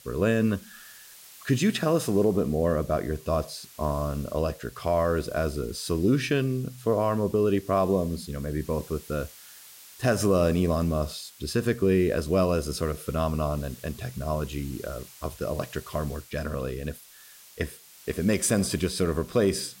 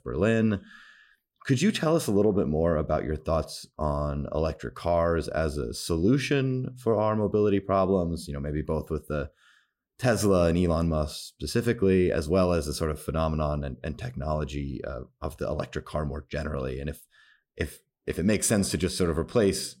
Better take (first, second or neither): second